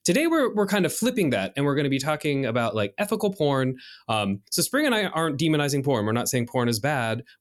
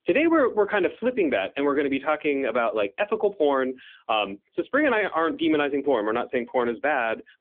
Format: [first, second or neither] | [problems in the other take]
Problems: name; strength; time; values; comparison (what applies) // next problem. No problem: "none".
first | phone-call audio; nothing above 3.5 kHz